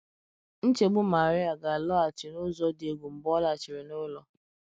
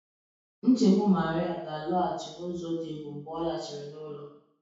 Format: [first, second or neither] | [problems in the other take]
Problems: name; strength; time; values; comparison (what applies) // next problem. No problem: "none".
first | room echo; dies away in 0.6 s